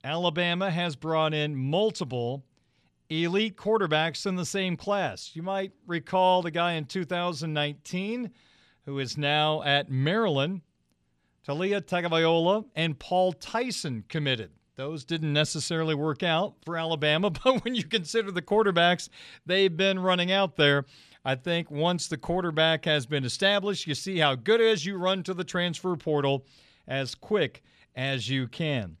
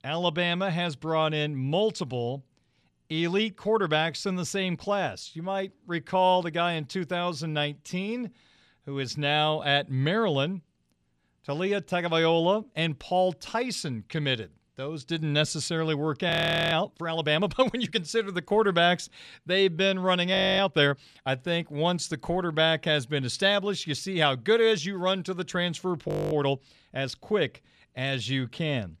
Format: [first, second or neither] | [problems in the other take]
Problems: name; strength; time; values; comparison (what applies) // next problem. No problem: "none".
first | audio freezing; at 16 s, at 20 s and at 26 s